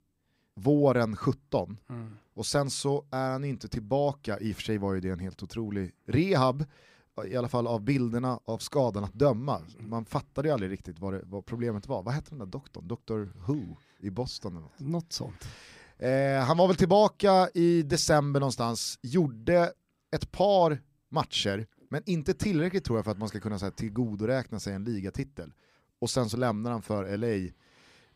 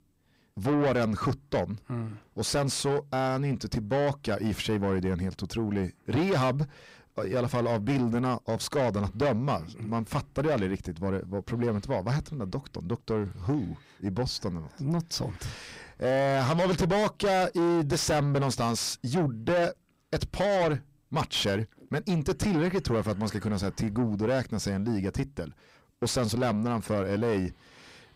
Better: first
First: none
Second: distortion; heavy; 6 dB below the speech

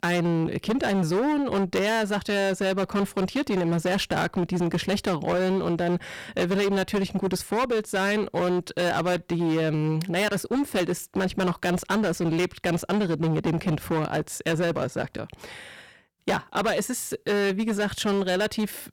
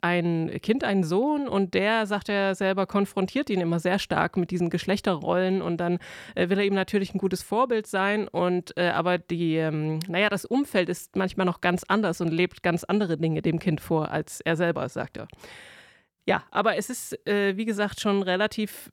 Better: second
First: distortion; heavy; 19% of the sound clipped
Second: none

